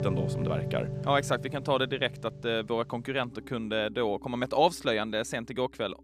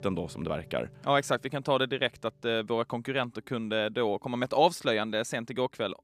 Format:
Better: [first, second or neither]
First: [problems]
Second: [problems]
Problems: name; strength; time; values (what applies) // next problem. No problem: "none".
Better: second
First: background music; loud; throughout; 8 dB below the speech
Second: background music; faint; throughout; 25 dB below the speech